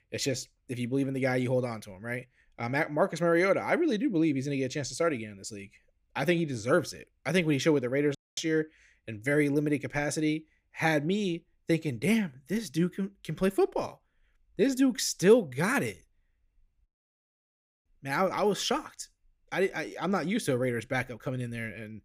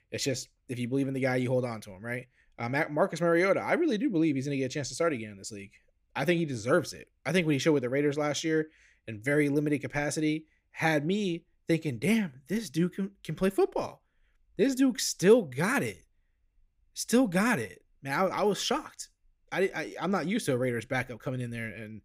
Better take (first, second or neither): second